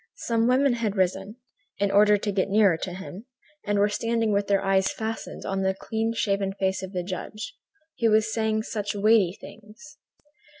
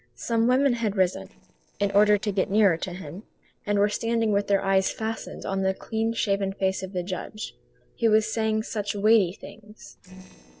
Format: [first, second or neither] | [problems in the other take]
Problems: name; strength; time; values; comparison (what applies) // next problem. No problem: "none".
first | noise reduction (neural separator model SepFormer DNS4)